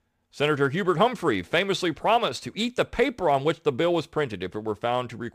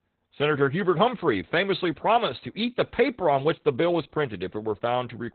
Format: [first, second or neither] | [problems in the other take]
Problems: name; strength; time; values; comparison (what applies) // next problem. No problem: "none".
first | garbled, watery; badly; nothing above 4 kHz